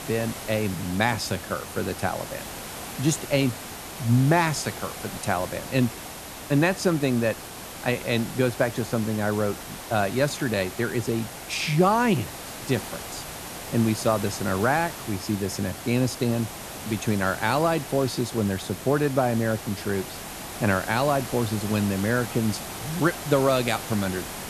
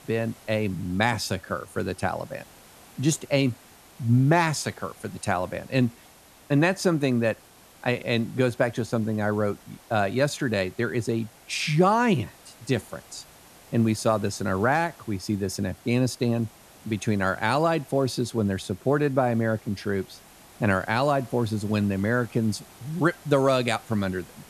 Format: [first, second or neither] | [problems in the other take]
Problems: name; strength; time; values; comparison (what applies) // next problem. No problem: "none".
second | hiss; loud; throughout; 10 dB below the speech; faint in the second